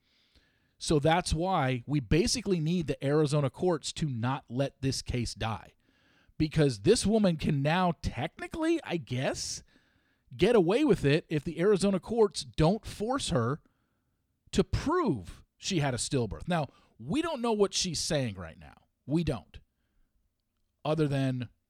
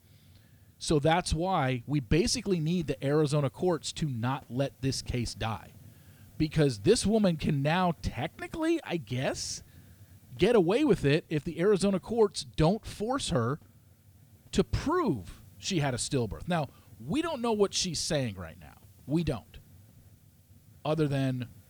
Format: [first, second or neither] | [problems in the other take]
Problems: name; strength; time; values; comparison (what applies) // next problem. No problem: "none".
first | hiss; faint; throughout; 25 dB below the speech